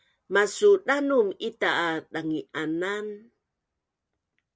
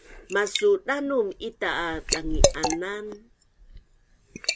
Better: first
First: none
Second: background sound (Liquid); 1 dB below the speech

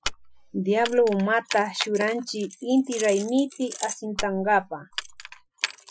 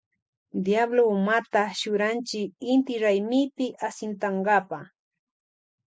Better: second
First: noise reduction (classical method Wiener filter)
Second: none

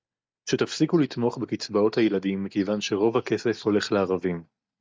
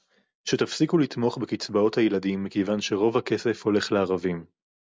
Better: second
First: noise reduction (neural mask model DeepFilterNet 3)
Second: none

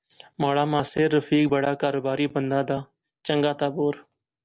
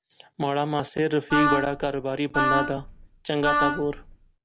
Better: first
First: none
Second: background sound (Wind instrument, woodwind instrument); as loud as the speech

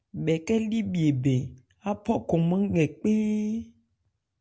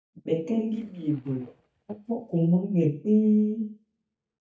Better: first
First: none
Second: noise reduction (neural mask model DeepFilterNet 3)

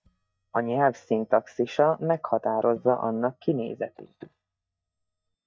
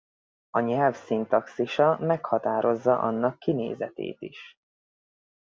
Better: second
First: noise reduction (neural mask model DeepFilterNet 3)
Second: none

